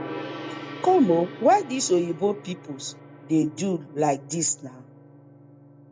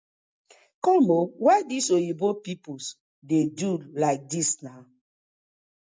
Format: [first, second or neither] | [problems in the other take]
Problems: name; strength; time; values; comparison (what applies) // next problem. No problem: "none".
second | background sound (Gong); 15 dB below the speech